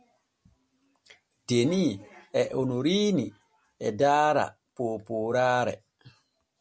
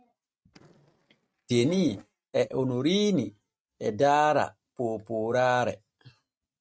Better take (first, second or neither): first